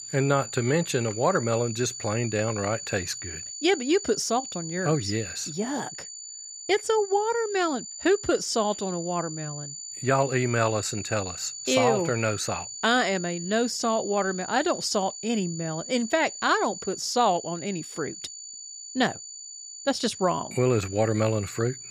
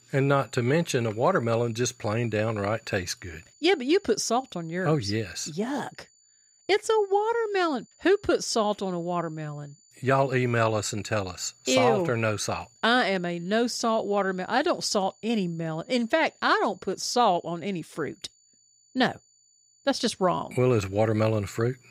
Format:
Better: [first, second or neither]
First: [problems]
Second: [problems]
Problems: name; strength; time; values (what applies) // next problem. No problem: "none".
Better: second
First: high-pitched whine; loud; throughout; 7 kHz, 10 dB below the speech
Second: high-pitched whine; faint; throughout; 7 kHz, 30 dB below the speech